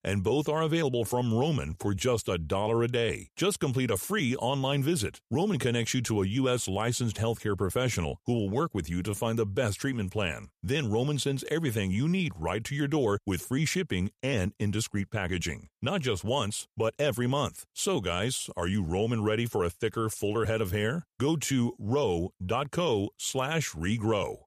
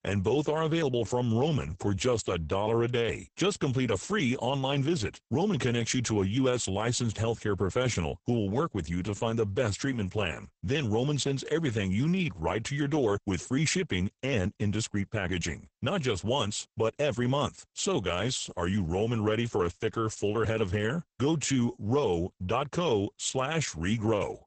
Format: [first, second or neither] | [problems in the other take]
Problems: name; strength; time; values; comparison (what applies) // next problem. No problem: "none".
first | garbled, watery; badly; nothing above 8 kHz